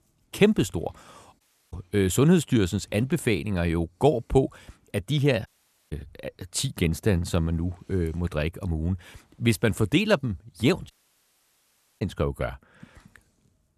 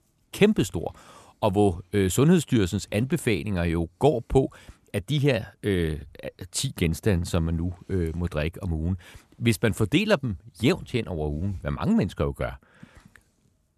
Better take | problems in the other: second | audio cutting out; at 1.5 s, at 5.5 s and at 11 s for 1 s

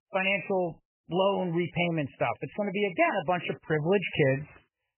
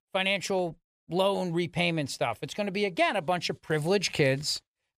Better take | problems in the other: second | garbled, watery; badly; nothing above 3 kHz

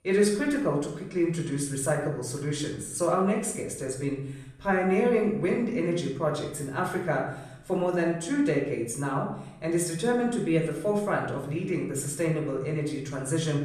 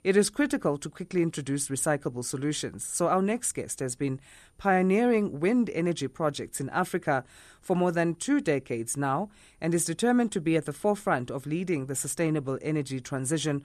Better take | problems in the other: second | off-mic speech; far // room echo; noticeable; dies away in 0.7 s

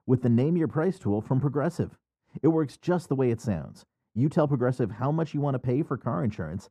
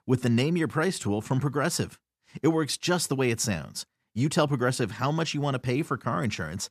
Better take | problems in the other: second | muffled; very; fading above 1.5 kHz

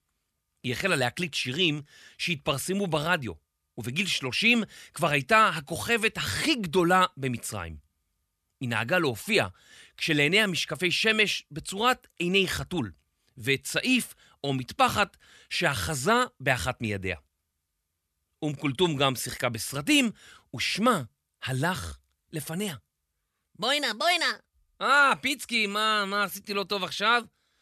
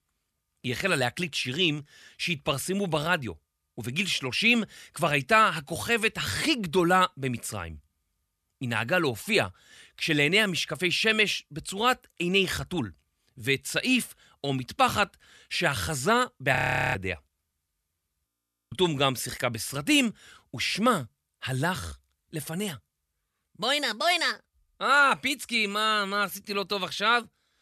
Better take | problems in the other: first | audio freezing; at 17 s and at 18 s

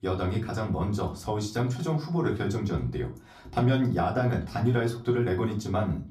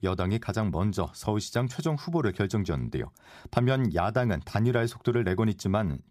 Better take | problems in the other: second | off-mic speech; far // room echo; very slight; dies away in 0.3 s

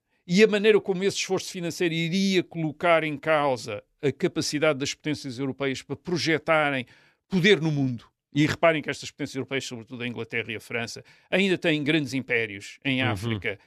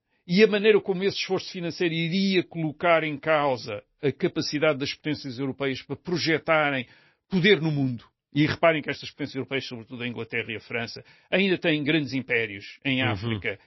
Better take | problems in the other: first | garbled, watery; slightly; nothing above 5.5 kHz

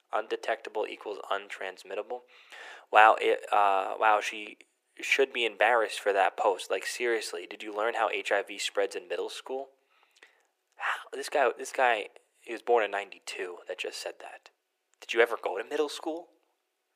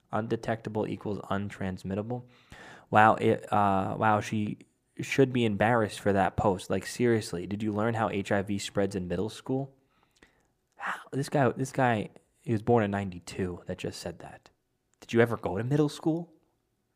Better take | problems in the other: second | thin; very; fading below 400 Hz

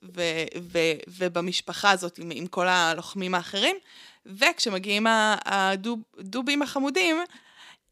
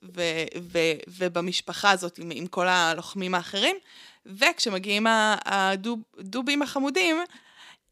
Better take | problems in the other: neither | none

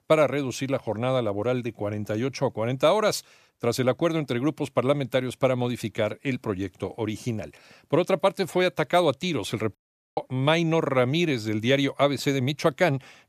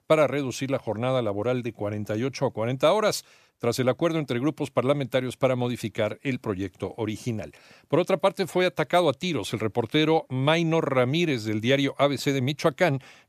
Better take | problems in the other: second | audio cutting out; at 10 s

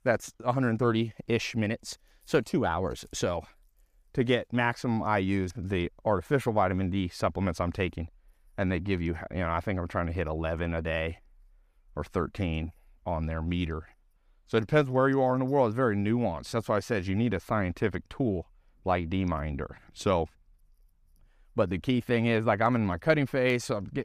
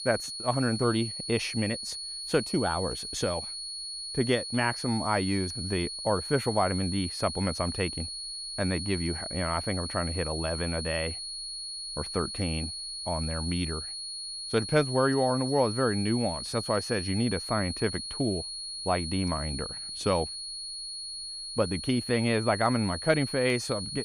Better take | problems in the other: first | high-pitched whine; loud; throughout; 4.5 kHz, 5 dB below the speech

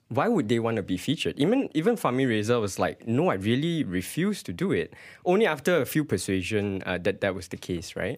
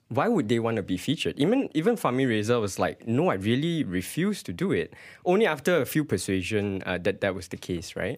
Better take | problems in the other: neither | none

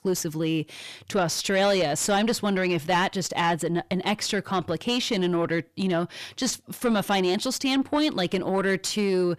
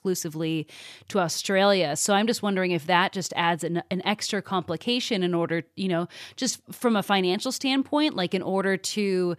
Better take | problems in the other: second | distortion; slight; 10 dB below the speech

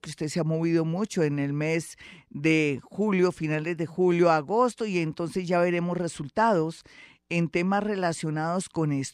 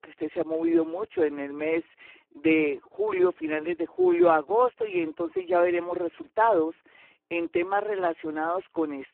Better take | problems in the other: first | phone-call audio; poor line

